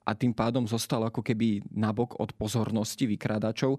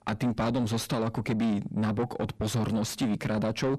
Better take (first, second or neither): first